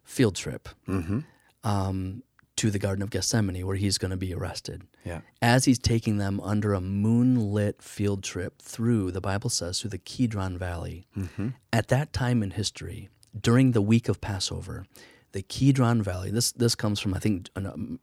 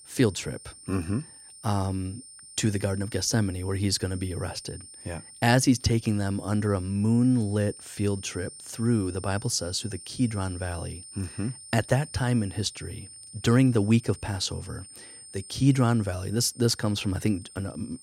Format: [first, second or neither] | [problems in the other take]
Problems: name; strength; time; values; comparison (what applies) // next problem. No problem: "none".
first | high-pitched whine; noticeable; throughout; 9 kHz, 15 dB below the speech